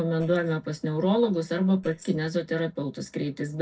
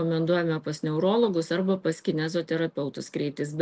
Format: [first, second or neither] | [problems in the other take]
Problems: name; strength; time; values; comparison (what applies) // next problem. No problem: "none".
second | noise reduction (neural separator model SepFormer DNS4)